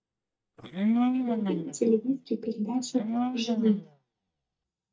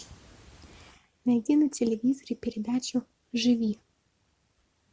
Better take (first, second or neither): second